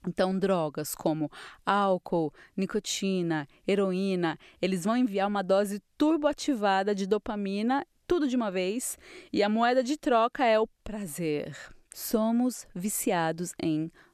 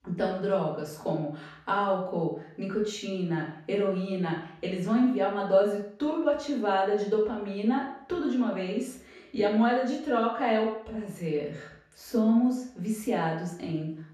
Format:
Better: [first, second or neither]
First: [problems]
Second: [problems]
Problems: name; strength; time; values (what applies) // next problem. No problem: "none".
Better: first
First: none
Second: room echo; noticeable; dies away in 0.6 s // off-mic speech; far